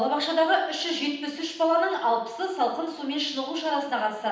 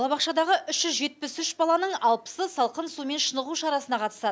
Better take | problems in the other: second | room echo; dies away in 0.9 s

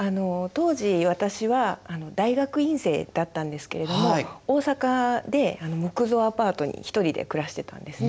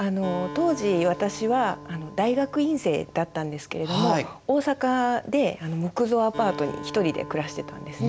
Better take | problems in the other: first | background sound (Acoustic guitar); 16 dB below the speech

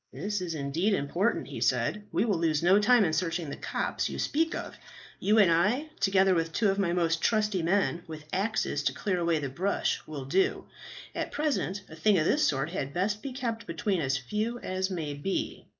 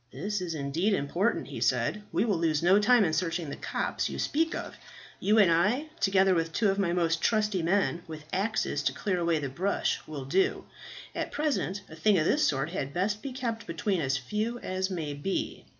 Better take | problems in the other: second | noise reduction (neural mask model Resemble Enhance denoiser)

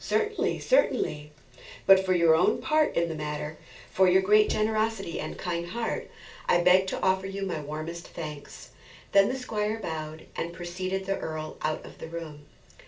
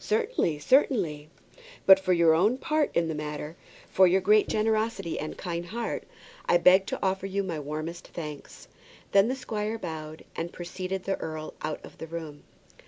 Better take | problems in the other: second | room echo; dies away in 0.3 s

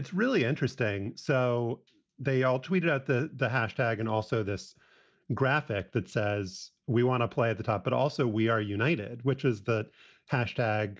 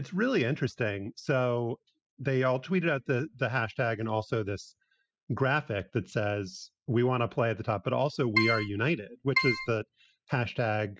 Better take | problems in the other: first | noise reduction (classical method spectral subtraction)

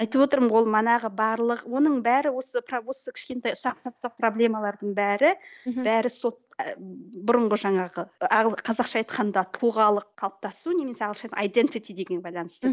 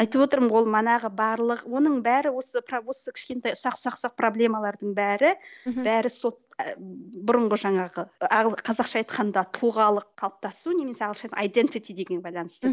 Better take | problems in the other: second | noise reduction (neural mask model DeepFilterNet 3)

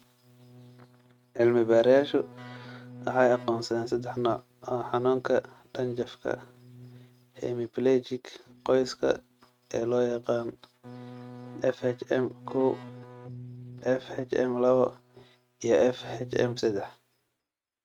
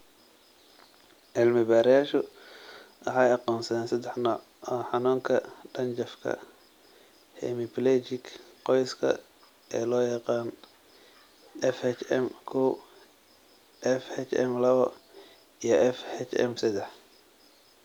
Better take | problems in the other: second | noise reduction (neural mask model RNNoise)

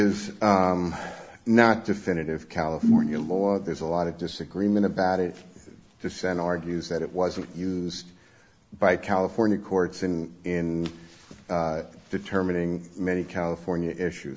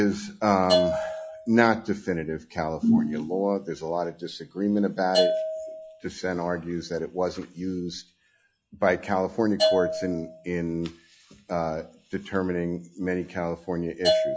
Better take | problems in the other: first | noise reduction (classical method log-MMSE)

